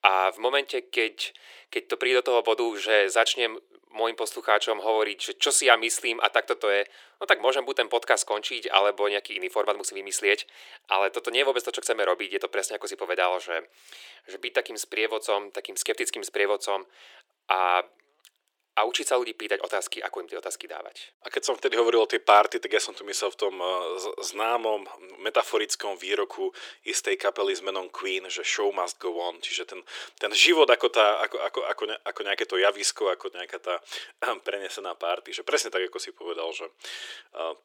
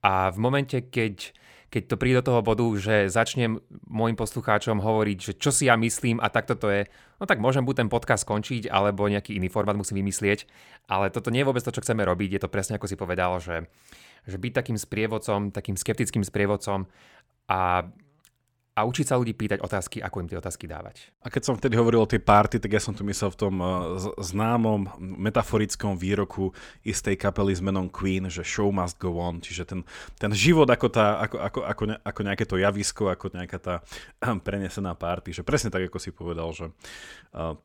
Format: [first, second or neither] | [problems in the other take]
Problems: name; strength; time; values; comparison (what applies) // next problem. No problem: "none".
second | thin; very; fading below 350 Hz